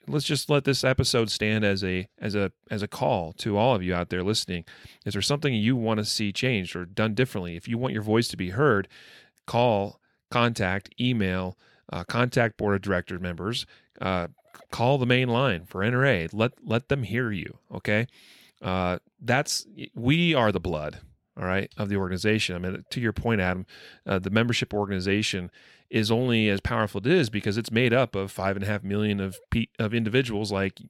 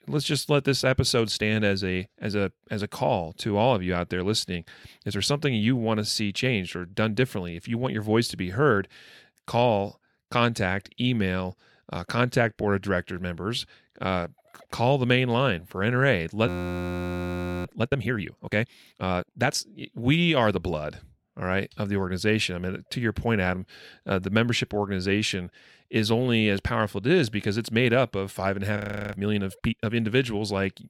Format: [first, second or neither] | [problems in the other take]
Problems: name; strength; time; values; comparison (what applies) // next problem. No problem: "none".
first | audio freezing; at 16 s for 1 s and at 29 s